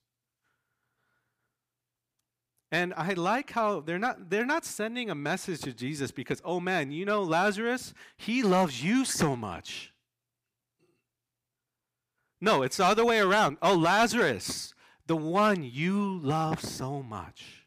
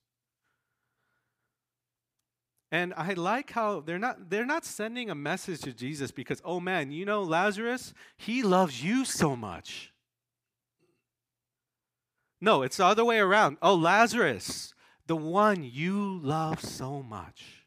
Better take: second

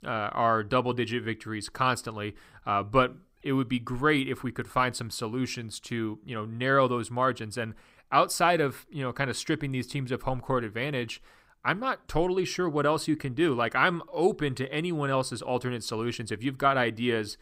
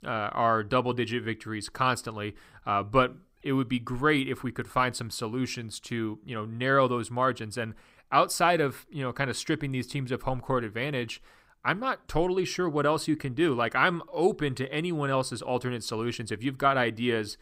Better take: neither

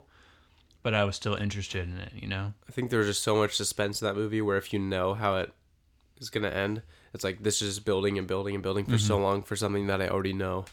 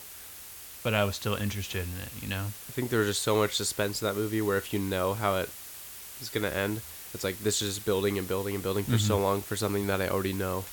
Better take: first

